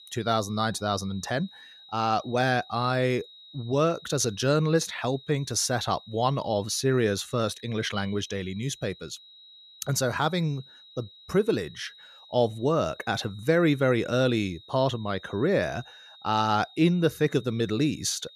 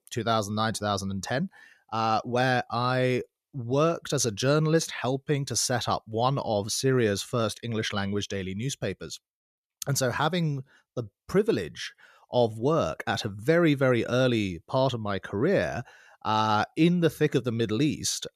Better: second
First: high-pitched whine; faint; throughout; 4 kHz, 20 dB below the speech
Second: none

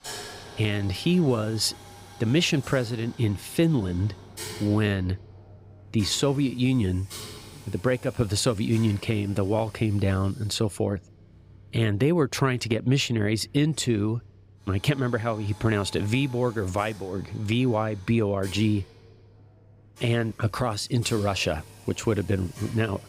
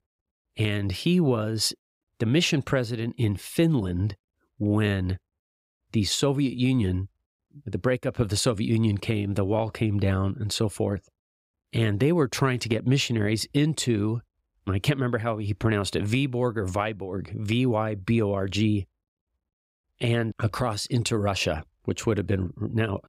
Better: second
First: household noises; noticeable; throughout; 20 dB below the speech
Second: none

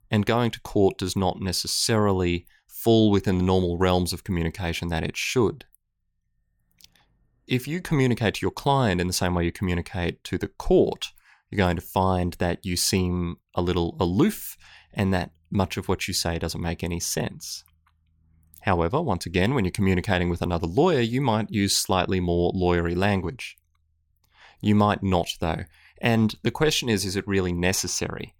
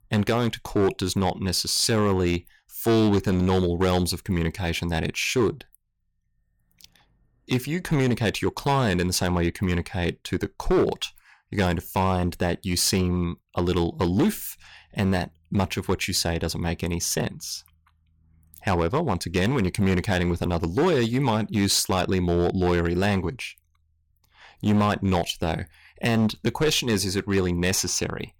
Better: first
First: none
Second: distortion; slight; 6% of the sound clipped

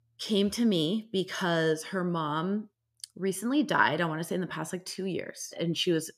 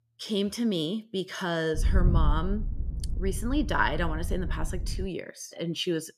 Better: first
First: none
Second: wind noise on the microphone; occasional gusts; from 2 to 5 s; 15 dB below the speech

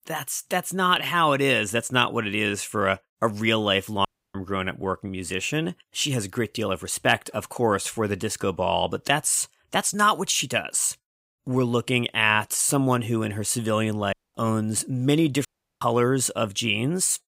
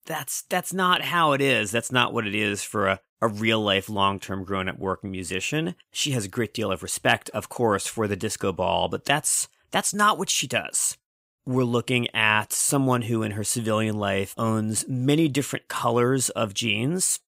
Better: second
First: audio cutting out; at 4 s, at 14 s and at 15 s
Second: none

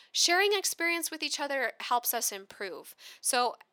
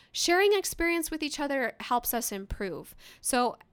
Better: second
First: thin; somewhat; fading below 450 Hz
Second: none

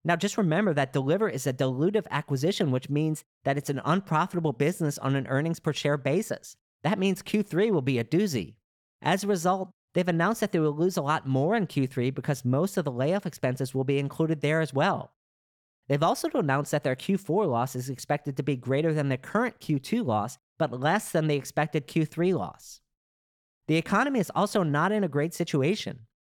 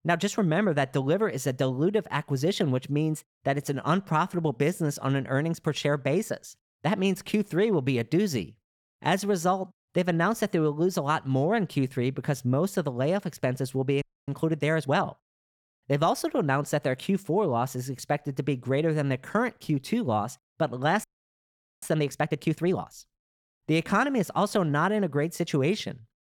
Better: first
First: none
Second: audio freezing; at 14 s and at 21 s for 1 s

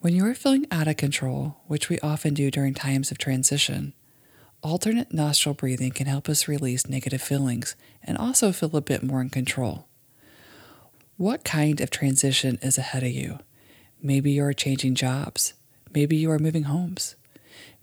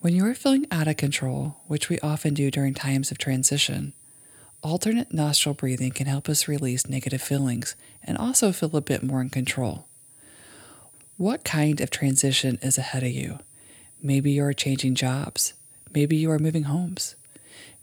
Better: first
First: none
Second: high-pitched whine; faint; throughout; 9.5 kHz, 25 dB below the speech

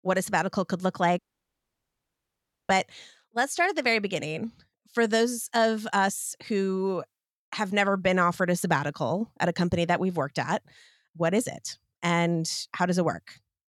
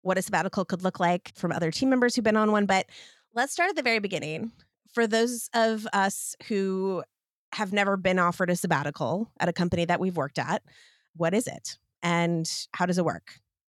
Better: second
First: audio cutting out; at 1 s for 1.5 s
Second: none

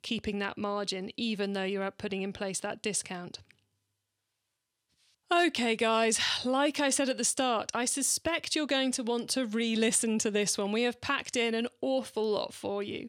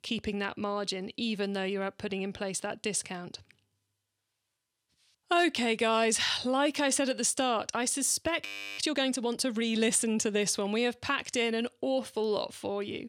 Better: first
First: none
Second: audio freezing; at 8.5 s

